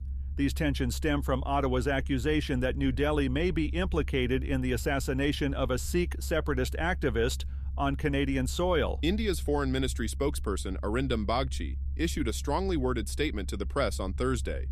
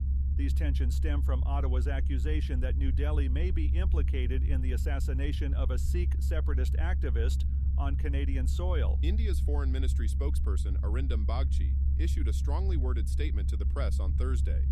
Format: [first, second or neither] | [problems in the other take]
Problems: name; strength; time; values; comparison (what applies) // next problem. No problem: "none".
first | low rumble; loud; throughout; 7 dB below the speech; faint in the first